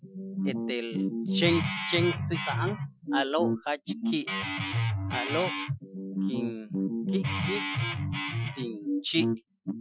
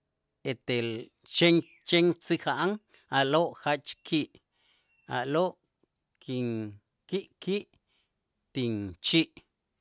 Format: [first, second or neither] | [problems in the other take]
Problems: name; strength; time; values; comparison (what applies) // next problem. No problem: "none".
second | noise reduction (classical method Wiener filter)